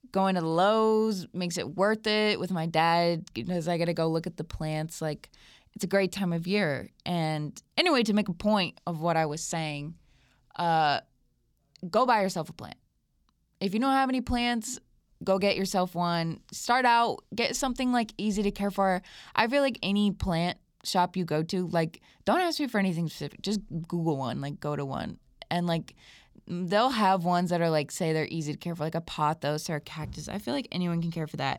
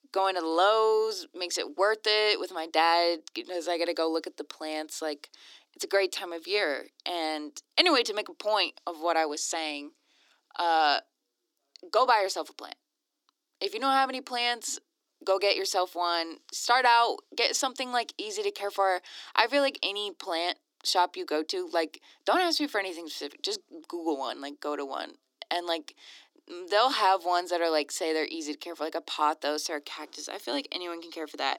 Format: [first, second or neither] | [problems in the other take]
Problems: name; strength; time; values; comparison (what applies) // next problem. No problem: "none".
first | thin; very; fading below 300 Hz